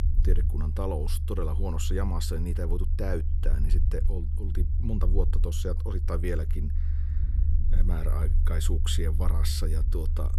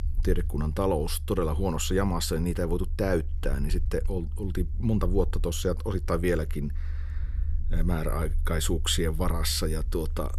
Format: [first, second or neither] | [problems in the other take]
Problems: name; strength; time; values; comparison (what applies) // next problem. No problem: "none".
second | low rumble; loud; throughout; 9 dB below the speech; faint in the second